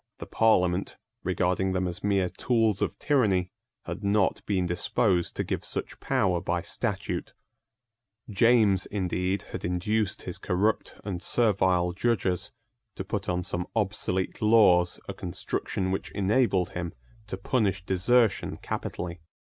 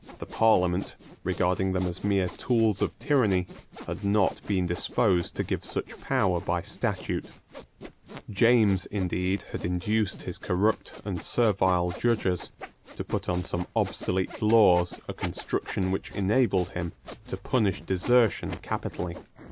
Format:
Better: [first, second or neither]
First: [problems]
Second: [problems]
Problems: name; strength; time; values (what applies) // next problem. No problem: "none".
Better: first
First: none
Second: background sound (Sawing); 17 dB below the speech